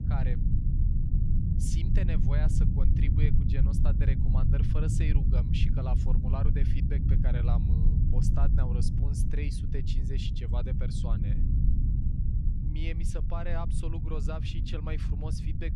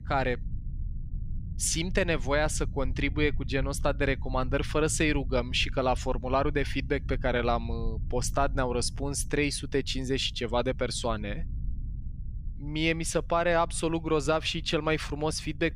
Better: second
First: low rumble; loud; throughout; as loud as the speech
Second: low rumble; faint; throughout; 25 dB below the speech

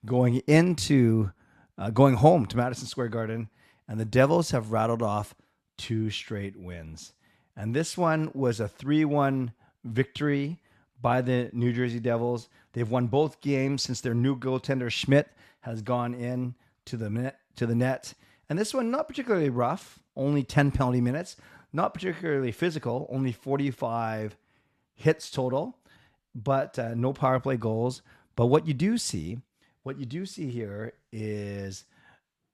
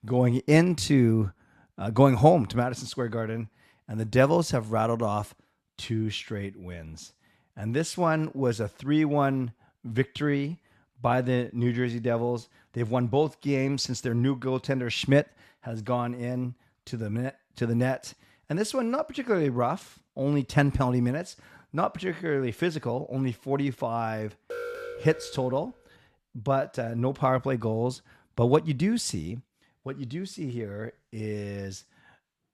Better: first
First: none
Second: alarm; noticeable; from 25 to 26 s; peak 9 dB below the speech

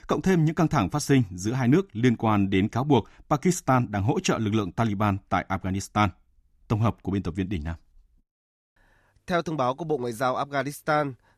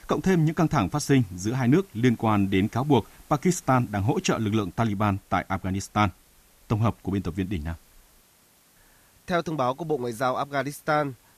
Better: first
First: none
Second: hiss; faint; throughout; 30 dB below the speech

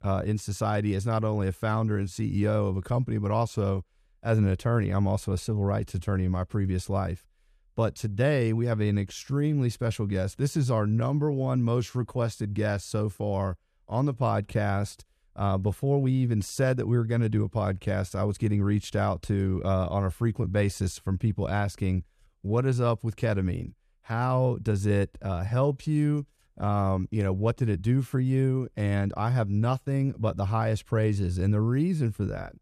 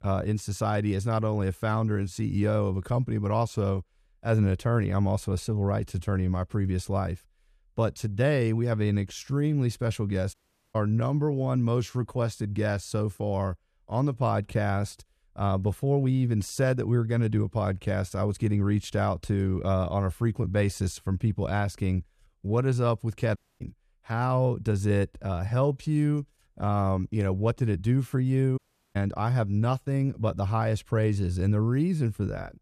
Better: first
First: none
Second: audio cutting out; at 10 s, at 23 s and at 29 s

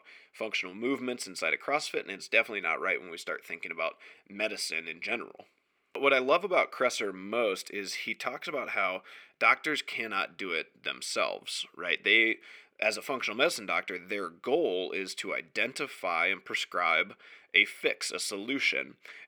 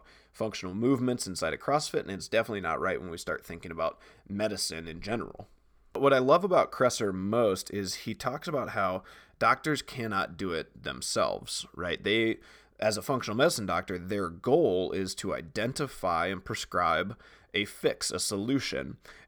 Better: second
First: thin; very slightly; fading below 350 Hz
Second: none

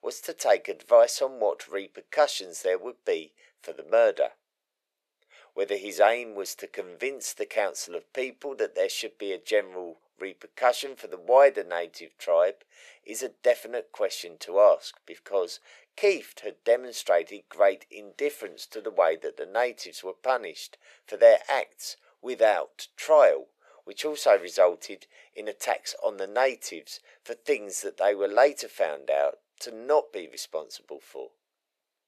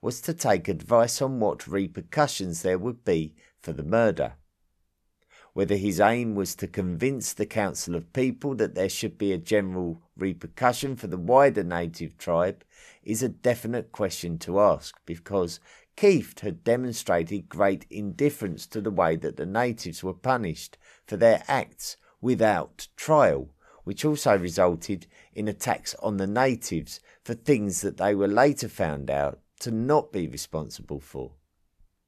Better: second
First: thin; very; fading below 400 Hz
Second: none

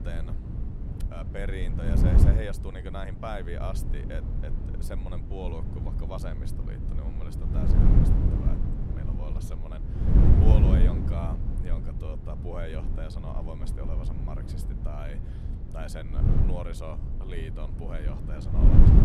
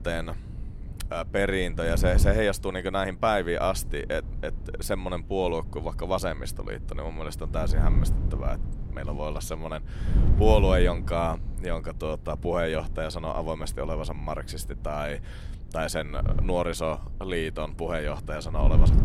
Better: second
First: wind noise on the microphone; heavy; 1 dB above the speech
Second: wind noise on the microphone; occasional gusts; 15 dB below the speech

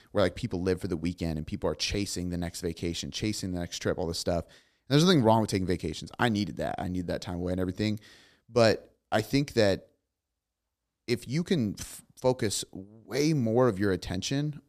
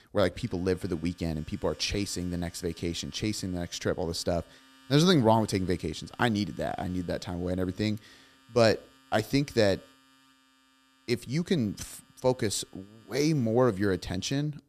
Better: first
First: none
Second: household noises; faint; throughout; 30 dB below the speech

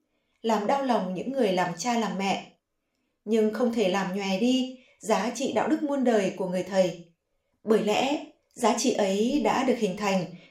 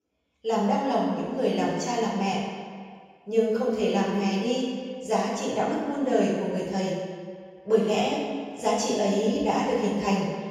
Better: first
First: room echo; slight; dies away in 0.4 s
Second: room echo; strong; dies away in 1.7 s // off-mic speech; far

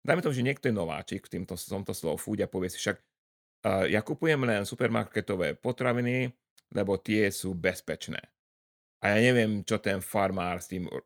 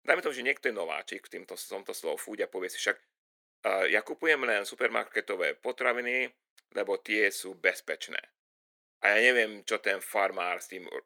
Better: first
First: none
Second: thin; very; fading below 350 Hz

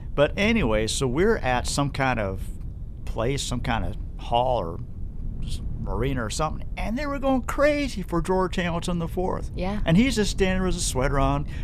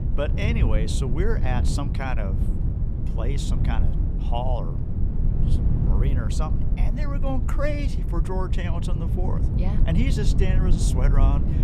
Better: first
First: low rumble; faint; throughout; 25 dB below the speech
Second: low rumble; loud; throughout; 5 dB below the speech

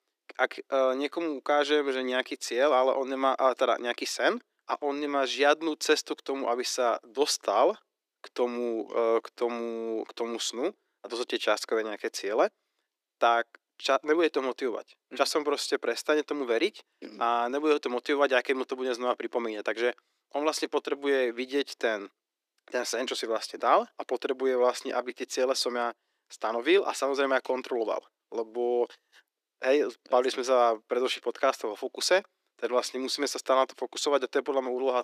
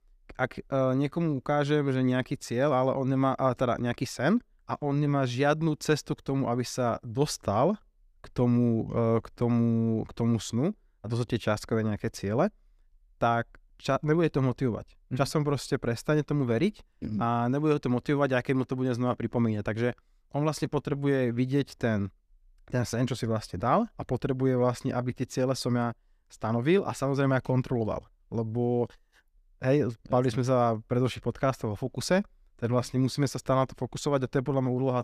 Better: second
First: thin; somewhat; fading below 300 Hz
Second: none

